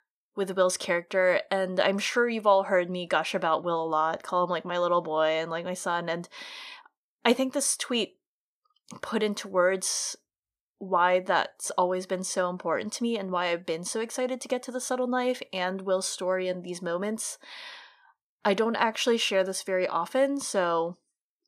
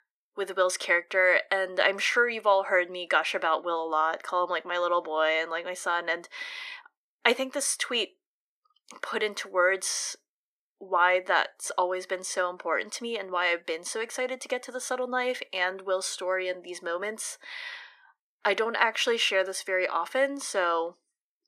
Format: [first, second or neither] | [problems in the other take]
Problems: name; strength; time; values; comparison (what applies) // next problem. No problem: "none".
first | thin; somewhat; fading below 300 Hz